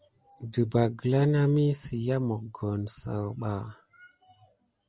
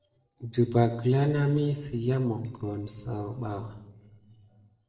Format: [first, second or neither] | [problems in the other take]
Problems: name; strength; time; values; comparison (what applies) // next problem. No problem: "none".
first | noise reduction (neural separator model SepFormer DNS4)